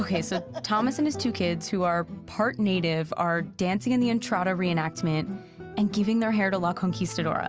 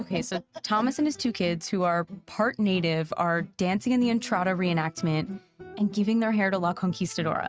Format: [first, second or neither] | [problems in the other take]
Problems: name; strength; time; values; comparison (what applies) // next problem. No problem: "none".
first | noise reduction (neural mask model RNNoise)